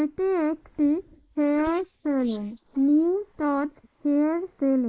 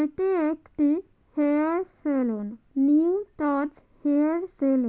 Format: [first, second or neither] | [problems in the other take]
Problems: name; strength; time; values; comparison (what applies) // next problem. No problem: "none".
second | noise reduction (neural mask model Resemble Enhance denoiser)